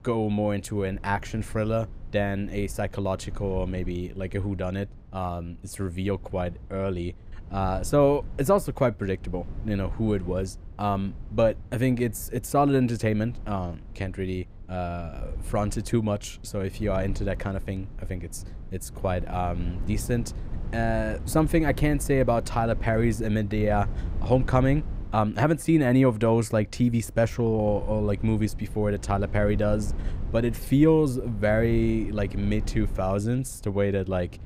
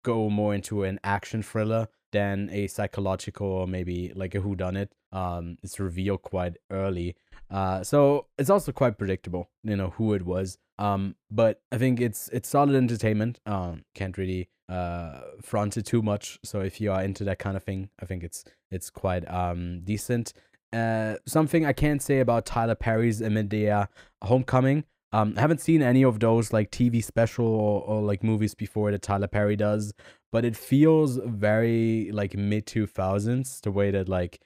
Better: second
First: low rumble; faint; throughout; 20 dB below the speech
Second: none

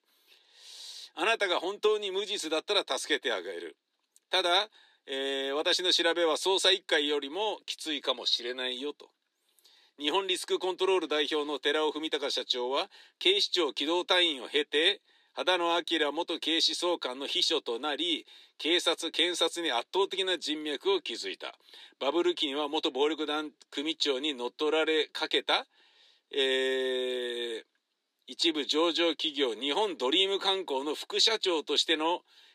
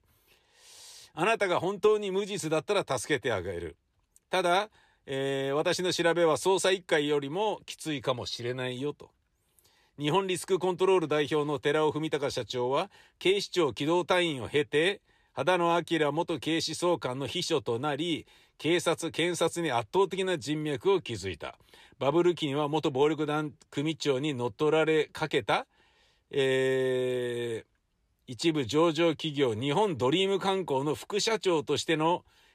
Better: second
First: thin; very slightly; fading below 250 Hz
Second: none

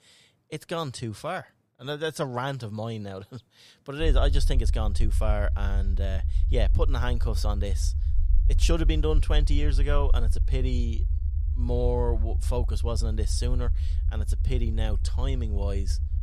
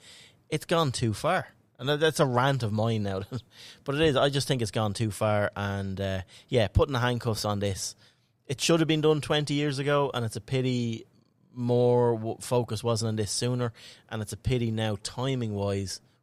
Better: second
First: low rumble; noticeable; from 4 s on; 15 dB below the speech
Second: none

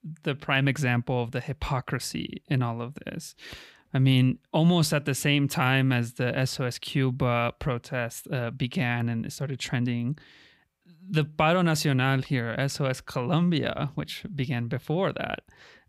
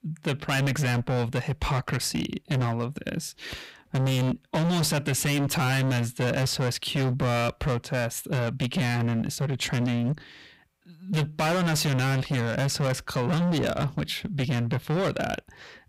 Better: first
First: none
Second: distortion; heavy; 24% of the sound clipped

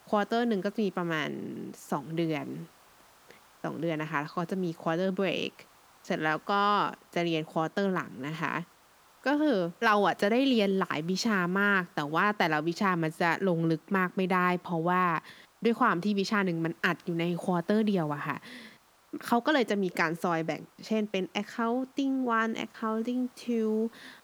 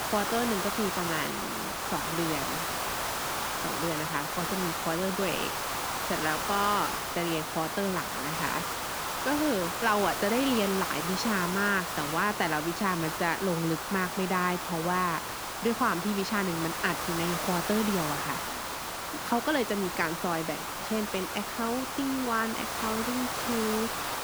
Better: first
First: hiss; faint; throughout; 30 dB below the speech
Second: hiss; loud; throughout; 1 dB below the speech

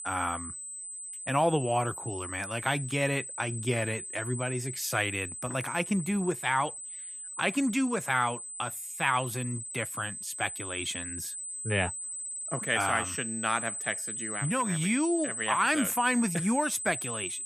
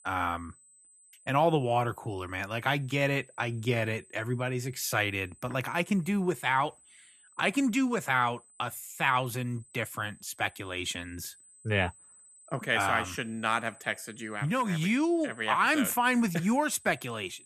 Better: second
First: high-pitched whine; loud; throughout; 8 kHz, 6 dB below the speech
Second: high-pitched whine; faint; throughout; 8 kHz, 25 dB below the speech

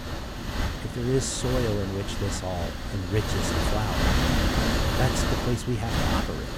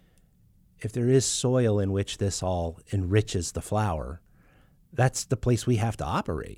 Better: second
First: wind noise on the microphone; heavy; 2 dB above the speech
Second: none

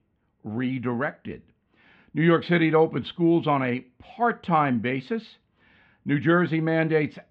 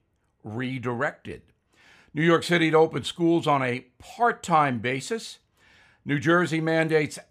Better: second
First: muffled; slightly; fading above 3.5 kHz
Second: none

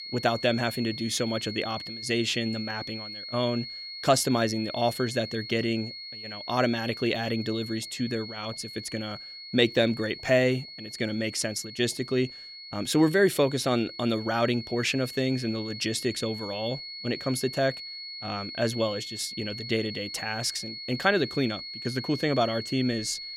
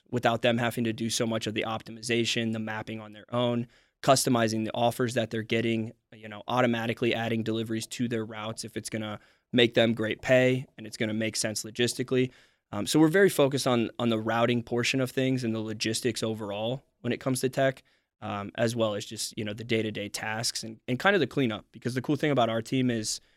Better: second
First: high-pitched whine; loud; throughout; 4.5 kHz, 9 dB below the speech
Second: none

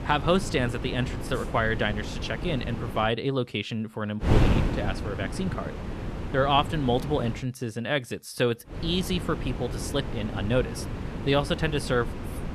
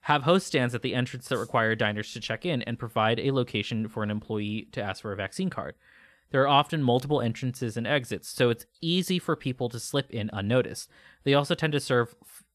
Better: second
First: wind noise on the microphone; heavy; until 3 s, from 4.5 to 7.5 s and from 8.5 s on; 9 dB below the speech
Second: none

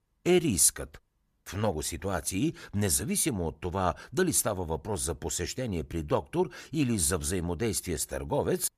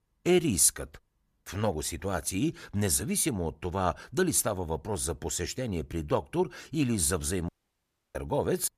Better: first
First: none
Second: audio cutting out; at 7.5 s for 0.5 s

